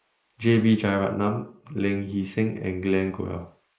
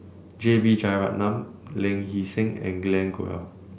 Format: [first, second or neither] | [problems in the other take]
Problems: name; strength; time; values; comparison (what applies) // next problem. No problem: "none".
second | noise reduction (neural mask model Resemble Enhance denoiser)